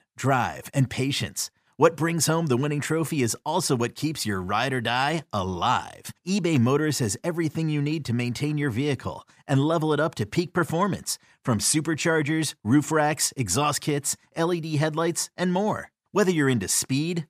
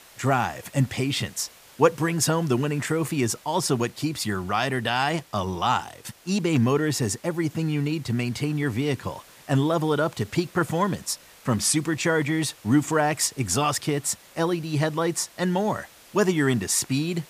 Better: first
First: none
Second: hiss; faint; throughout; 25 dB below the speech

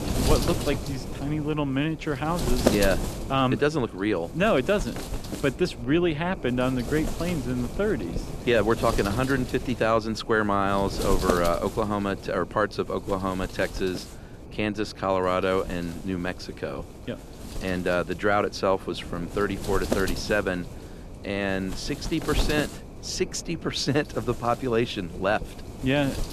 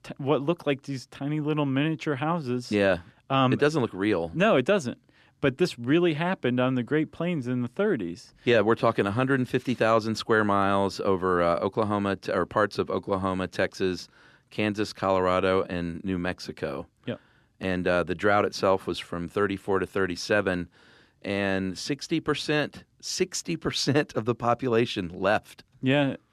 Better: second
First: wind noise on the microphone; occasional gusts; 10 dB below the speech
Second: none

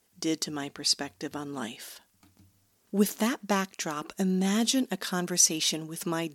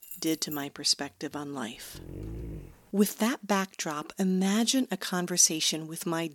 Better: first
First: none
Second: jangling keys; faint; at the start; peak 10 dB below the speech // dog barking; faint; at 2 s; peak 10 dB below the speech

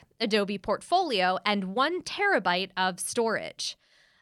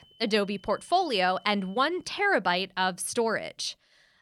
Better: first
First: none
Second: high-pitched whine; faint; until 2 s; 3 kHz, 30 dB below the speech

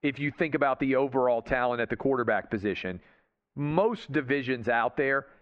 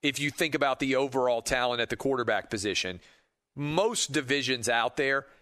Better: second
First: muffled; very; fading above 2 kHz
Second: none

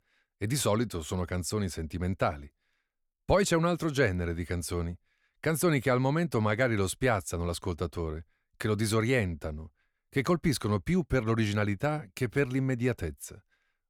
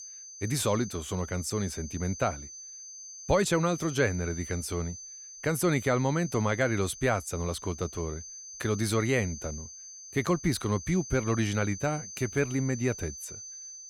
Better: first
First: none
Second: high-pitched whine; noticeable; throughout; 6 kHz, 10 dB below the speech

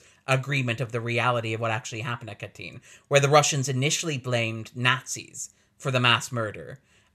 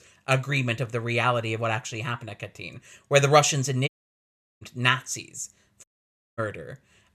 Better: first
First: none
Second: audio cutting out; at 4 s for 0.5 s and at 6 s for 0.5 s

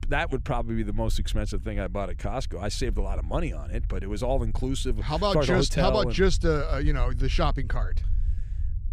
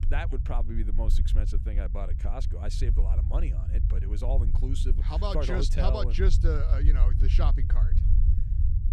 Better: first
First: low rumble; faint; throughout; 25 dB below the speech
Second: low rumble; loud; throughout; 9 dB below the speech

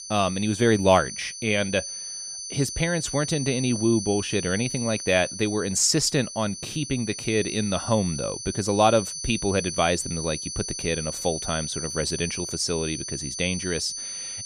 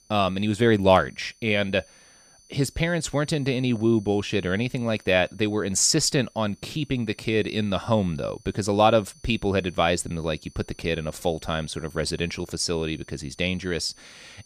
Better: second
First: high-pitched whine; loud; throughout; 6 kHz, 7 dB below the speech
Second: high-pitched whine; faint; throughout; 6 kHz, 30 dB below the speech

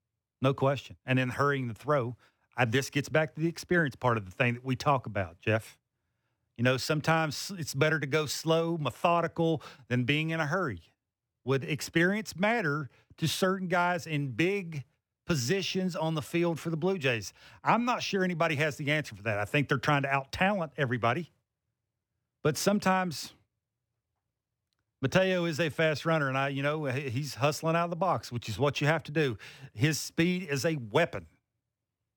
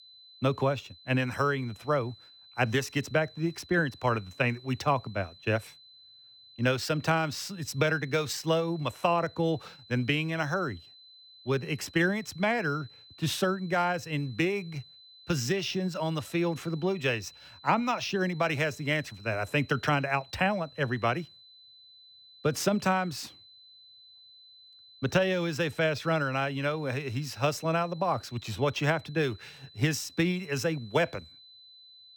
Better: first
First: none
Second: high-pitched whine; faint; throughout; 4 kHz, 20 dB below the speech

